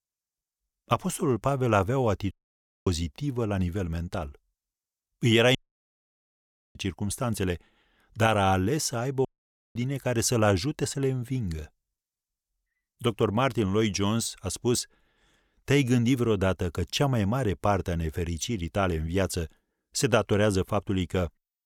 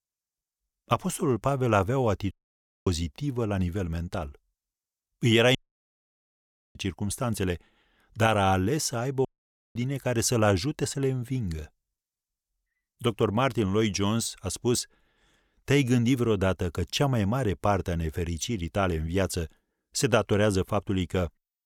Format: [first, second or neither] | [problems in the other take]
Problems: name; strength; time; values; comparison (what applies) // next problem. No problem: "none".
neither | audio cutting out; at 2.5 s for 0.5 s, at 5.5 s for 1 s and at 9.5 s for 0.5 s; the same in both